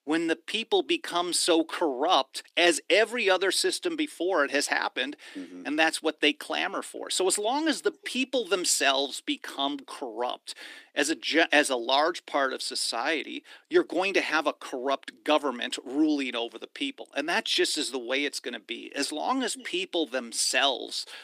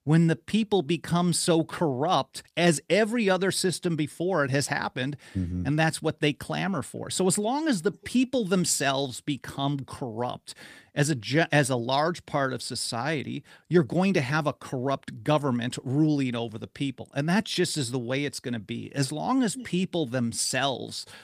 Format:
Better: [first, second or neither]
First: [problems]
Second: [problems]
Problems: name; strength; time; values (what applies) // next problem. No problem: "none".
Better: second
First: thin; somewhat; fading below 300 Hz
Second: none